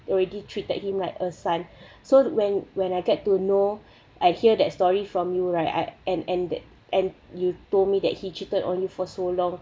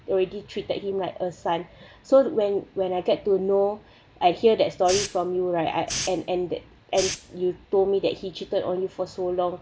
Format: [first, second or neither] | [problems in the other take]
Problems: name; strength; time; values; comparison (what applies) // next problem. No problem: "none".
first | background sound (Hiss); 10 dB below the speech